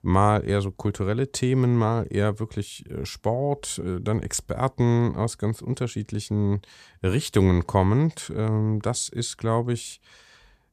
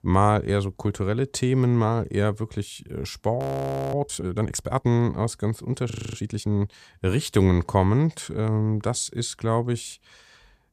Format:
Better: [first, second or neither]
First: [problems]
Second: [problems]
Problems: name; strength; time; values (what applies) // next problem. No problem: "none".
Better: first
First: none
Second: audio freezing; at 3.5 s for 0.5 s and at 6 s